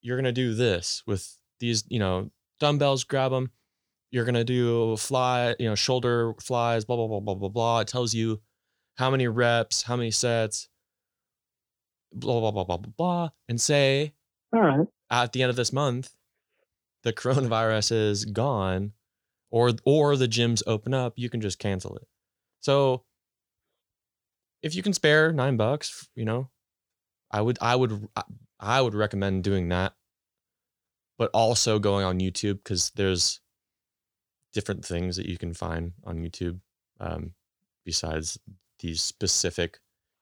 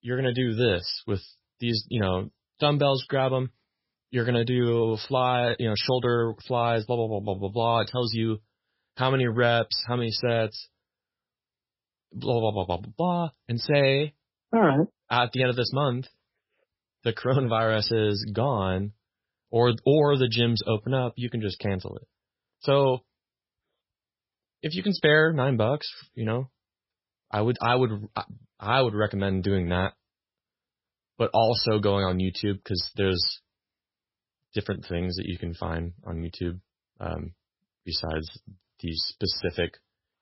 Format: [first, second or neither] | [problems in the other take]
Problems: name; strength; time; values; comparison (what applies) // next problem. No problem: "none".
first | garbled, watery; badly; nothing above 5.5 kHz